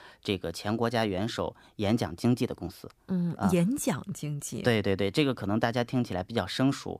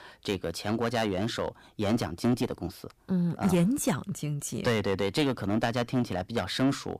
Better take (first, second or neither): first